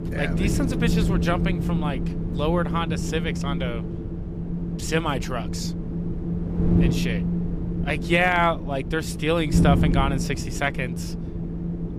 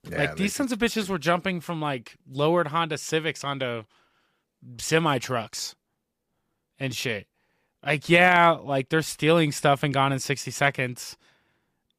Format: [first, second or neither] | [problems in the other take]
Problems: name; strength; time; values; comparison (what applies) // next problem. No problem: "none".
second | wind noise on the microphone; heavy; 8 dB below the speech